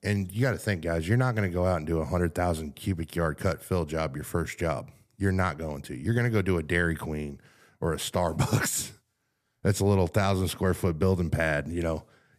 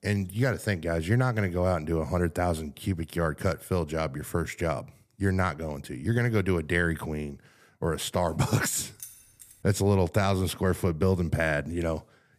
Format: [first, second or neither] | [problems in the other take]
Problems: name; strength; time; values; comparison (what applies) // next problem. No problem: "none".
first | jangling keys; faint; at 9 s; peak 15 dB below the speech